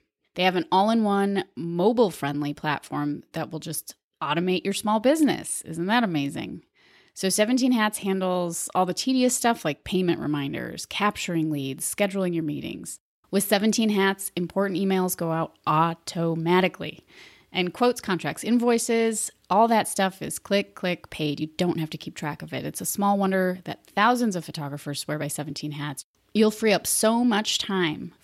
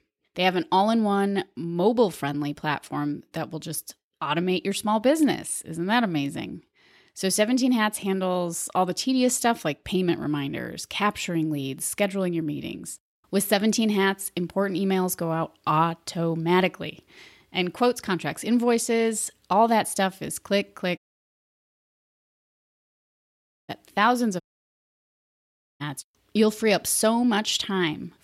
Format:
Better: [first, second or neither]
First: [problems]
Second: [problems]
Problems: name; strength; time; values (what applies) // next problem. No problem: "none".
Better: first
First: none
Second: audio cutting out; at 21 s for 2.5 s and at 24 s for 1.5 s